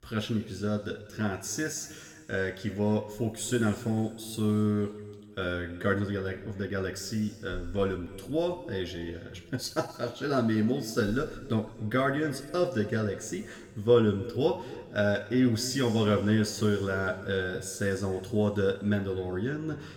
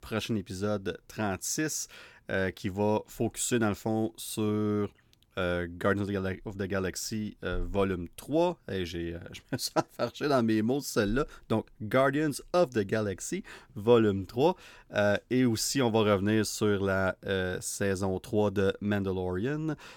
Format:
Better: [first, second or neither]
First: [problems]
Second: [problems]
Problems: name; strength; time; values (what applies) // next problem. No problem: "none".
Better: second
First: room echo; slight; dies away in 1.7 s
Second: none